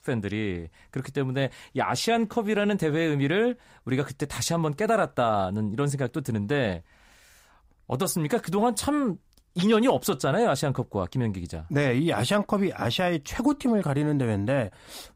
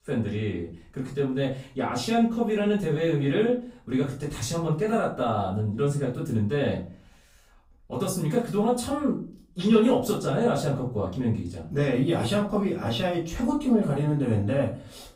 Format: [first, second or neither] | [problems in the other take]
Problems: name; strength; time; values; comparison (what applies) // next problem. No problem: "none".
first | off-mic speech; far // room echo; slight; dies away in 0.4 s